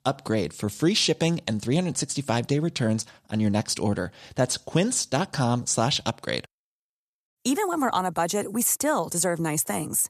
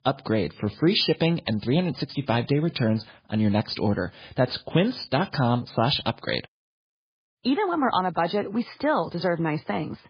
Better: first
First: none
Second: garbled, watery; badly; nothing above 5 kHz

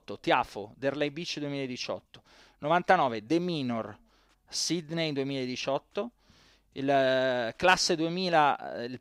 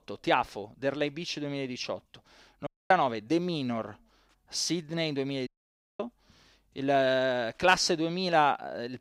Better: first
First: none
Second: audio cutting out; at 2.5 s and at 5.5 s for 0.5 s

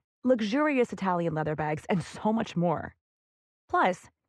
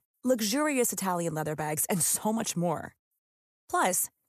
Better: second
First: muffled; very; fading above 3 kHz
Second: none

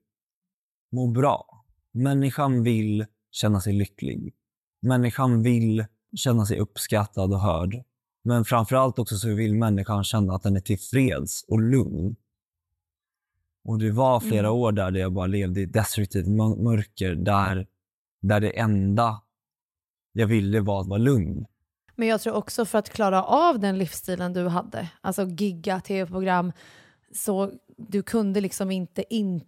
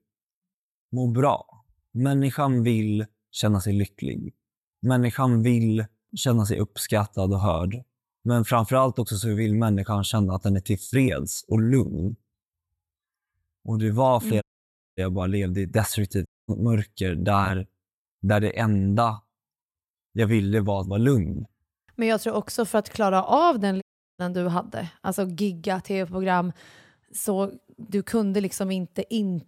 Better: first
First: none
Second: audio cutting out; at 14 s for 0.5 s, at 16 s and at 24 s

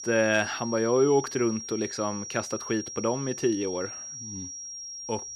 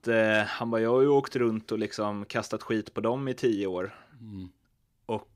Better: second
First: high-pitched whine; loud; throughout; 5.5 kHz, 9 dB below the speech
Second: none

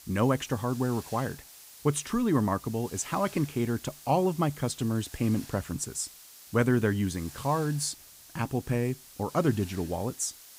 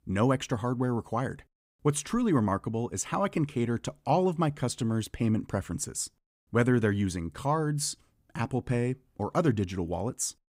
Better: second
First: hiss; noticeable; throughout; 15 dB below the speech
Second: none

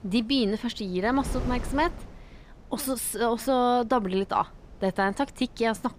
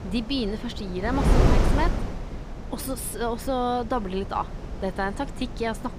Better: first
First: wind noise on the microphone; occasional gusts; 20 dB below the speech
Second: wind noise on the microphone; heavy; 5 dB below the speech

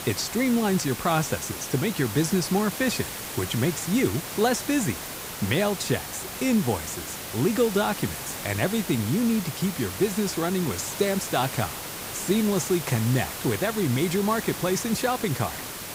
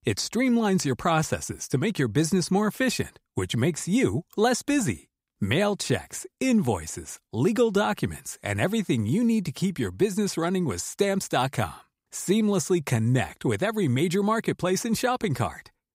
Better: second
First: hiss; loud; throughout; 7 dB below the speech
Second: none

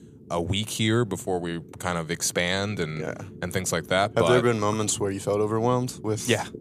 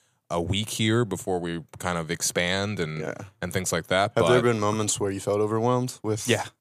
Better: second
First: low rumble; faint; throughout; 25 dB below the speech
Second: none

